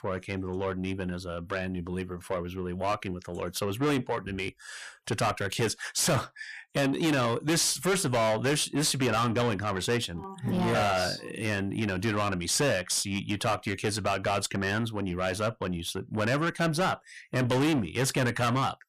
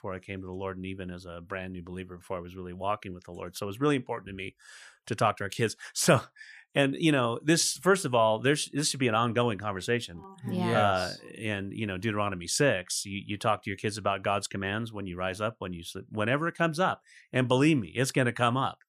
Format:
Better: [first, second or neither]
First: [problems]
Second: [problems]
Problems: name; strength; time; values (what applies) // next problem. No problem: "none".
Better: second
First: distortion; heavy; 5 dB below the speech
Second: none